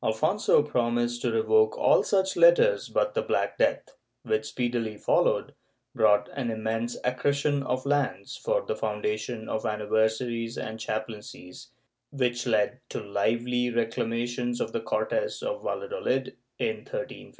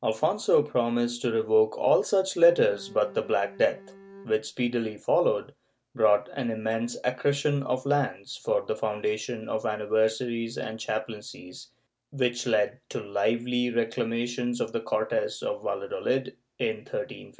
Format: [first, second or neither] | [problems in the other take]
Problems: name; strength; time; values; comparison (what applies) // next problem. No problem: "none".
first | background sound (Bowed string instrument); 20 dB below the speech